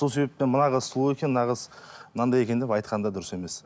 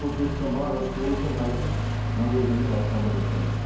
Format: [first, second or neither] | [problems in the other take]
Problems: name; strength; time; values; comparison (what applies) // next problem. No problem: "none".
first | background sound (Accelerating, revving, vroom); 2 dB above the speech // room echo; dies away in 0.9 s